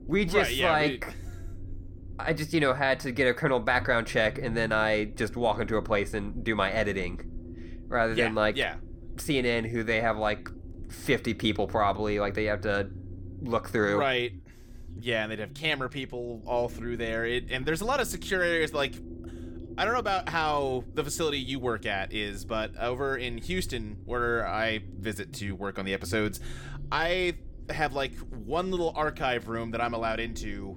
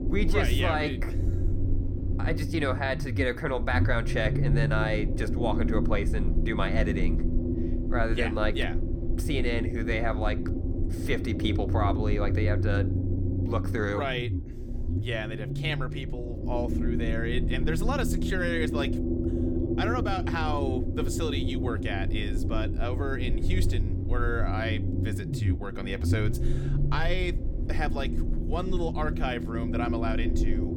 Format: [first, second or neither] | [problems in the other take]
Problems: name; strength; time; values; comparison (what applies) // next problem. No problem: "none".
first | low rumble; loud; throughout; 6 dB below the speech; faint in the first